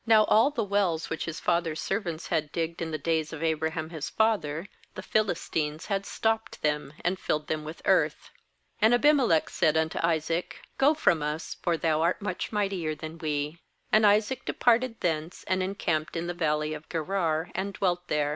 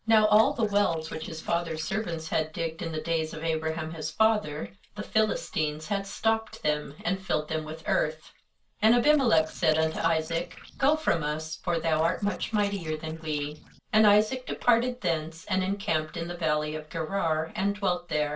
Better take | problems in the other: first | noise reduction (neural separator model SepFormer DNS4)

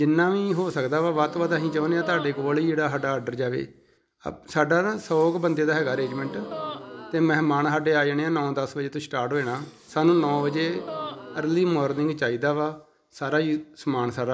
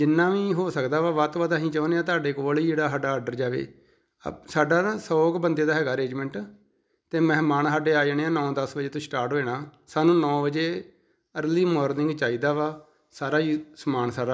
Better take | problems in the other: second | background sound (Gasp); 15 dB below the speech

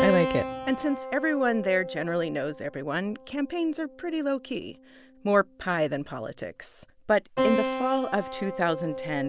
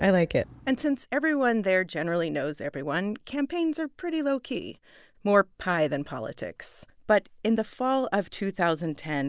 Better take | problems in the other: second | background sound (Keyboard (musical)); 6 dB below the speech

